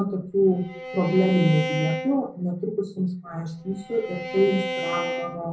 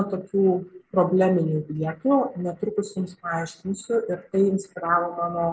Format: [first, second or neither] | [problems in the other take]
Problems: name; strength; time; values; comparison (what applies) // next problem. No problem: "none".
second | background sound (Bowed string instrument); 7 dB below the speech // room echo; dies away in 0.4 s